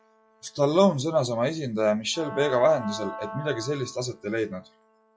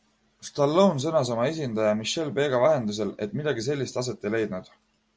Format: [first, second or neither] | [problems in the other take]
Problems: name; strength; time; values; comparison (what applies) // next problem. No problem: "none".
second | noise reduction (classical method log-MMSE)